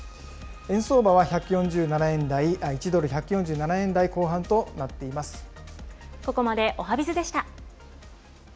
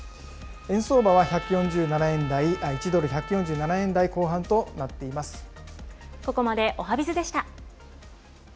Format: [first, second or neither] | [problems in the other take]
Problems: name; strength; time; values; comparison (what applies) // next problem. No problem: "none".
first | background sound (Trumpet); 14 dB below the speech